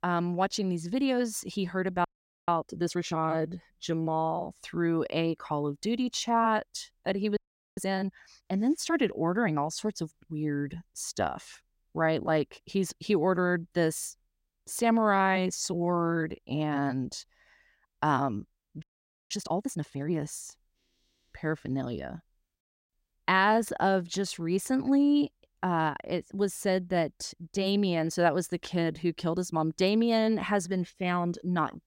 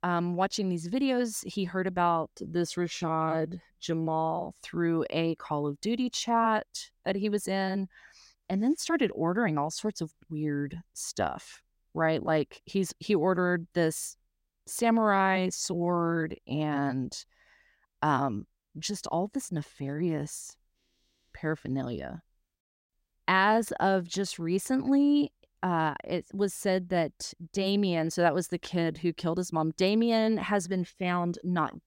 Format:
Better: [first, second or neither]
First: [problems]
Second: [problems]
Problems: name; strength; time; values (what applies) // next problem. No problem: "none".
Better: second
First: audio freezing; at 2 s, at 7.5 s and at 19 s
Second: none